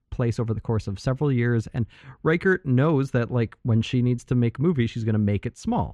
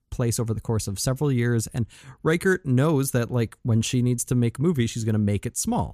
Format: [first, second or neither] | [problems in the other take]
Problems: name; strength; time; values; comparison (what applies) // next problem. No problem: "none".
second | muffled; slightly; fading above 2.5 kHz